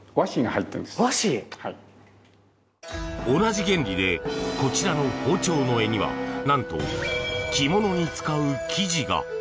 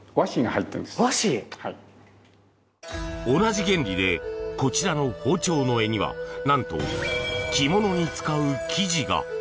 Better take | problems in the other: second | background sound (Brass instrument); 11 dB below the speech

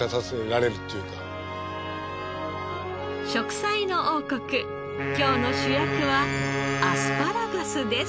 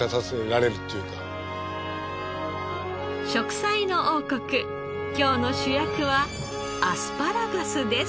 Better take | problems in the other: second | background sound (Wind instrument, woodwind instrument); 3 dB below the speech

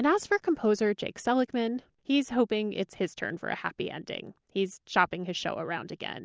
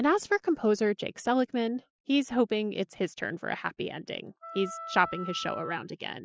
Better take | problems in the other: first | noise reduction (classical method Wiener filter)

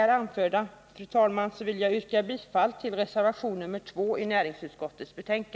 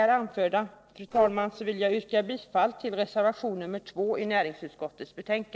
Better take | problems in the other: first | noise reduction (neural separator model SepFormer DNS4)

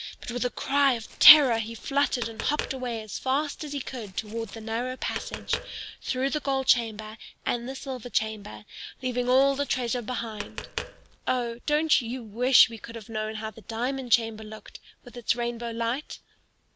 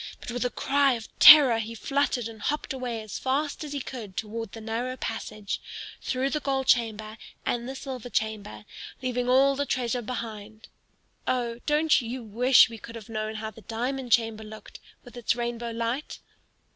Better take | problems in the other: second | background sound (Tap); 13 dB below the speech

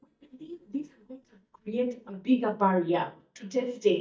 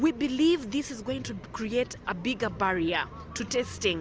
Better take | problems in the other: second | noise reduction (neural mask model DeepFilterNet 3)

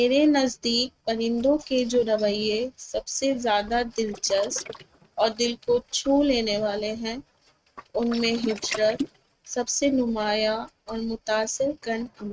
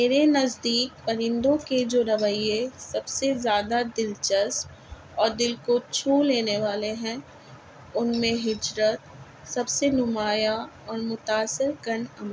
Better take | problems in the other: second | noise reduction (neural mask model RNNoise)

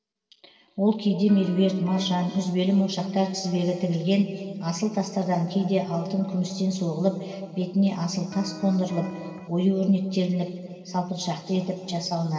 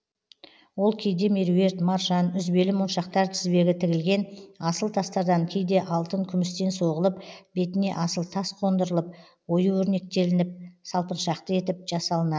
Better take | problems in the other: second | background sound (Electric guitar); 15 dB below the speech // room echo; dies away in 2.7 s

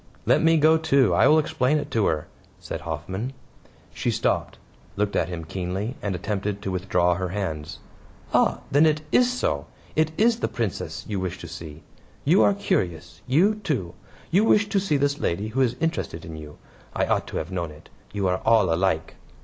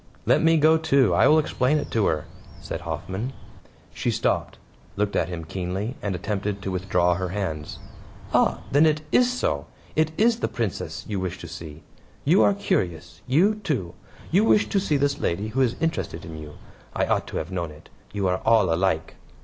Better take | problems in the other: first | background sound (Bird); 16 dB below the speech

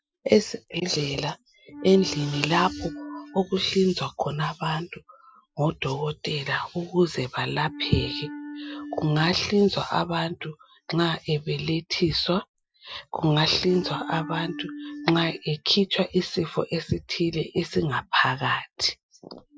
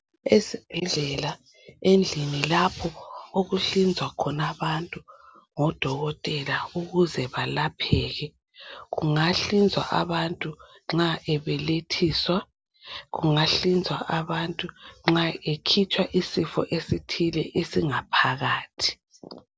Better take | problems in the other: second | noise reduction (classical method Wiener filter)

